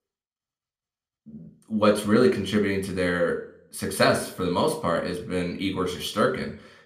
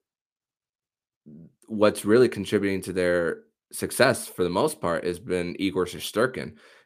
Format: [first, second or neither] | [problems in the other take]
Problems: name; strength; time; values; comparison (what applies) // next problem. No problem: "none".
second | room echo; very slight; dies away in 0.4 s